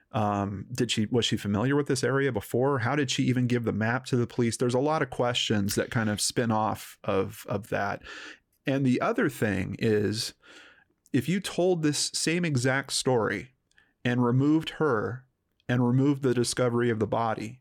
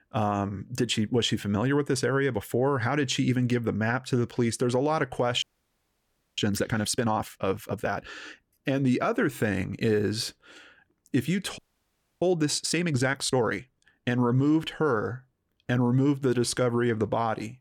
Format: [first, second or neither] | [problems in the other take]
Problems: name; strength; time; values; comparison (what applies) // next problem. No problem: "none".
first | audio freezing; at 5.5 s for 1 s and at 12 s for 0.5 s